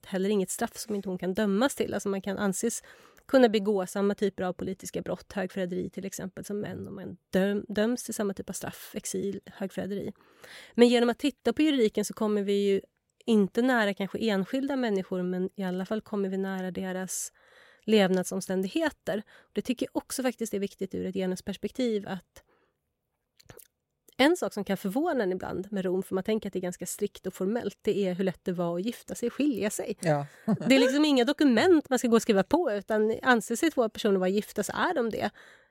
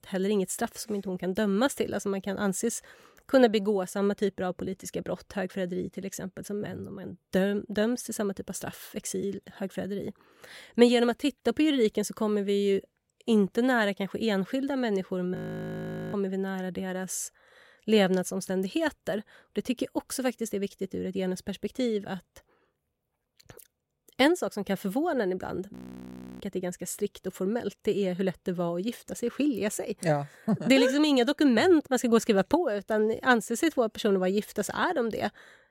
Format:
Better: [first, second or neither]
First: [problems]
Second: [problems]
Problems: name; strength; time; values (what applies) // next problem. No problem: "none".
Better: first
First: none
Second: audio freezing; at 15 s for 1 s and at 26 s for 0.5 s